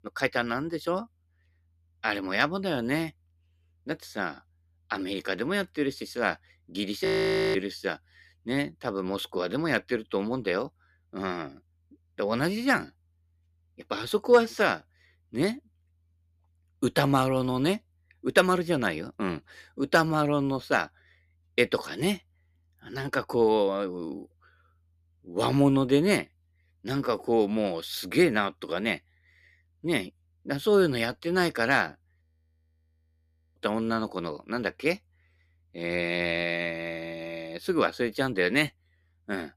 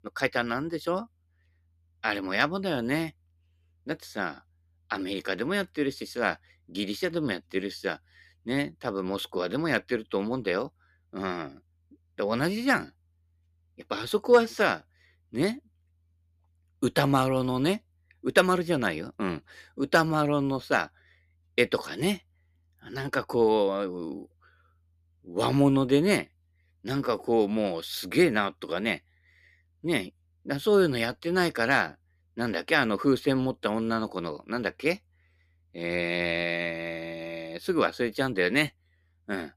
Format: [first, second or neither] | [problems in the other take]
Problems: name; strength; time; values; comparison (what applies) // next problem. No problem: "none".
second | audio freezing; at 7 s for 0.5 s and at 32 s for 1.5 s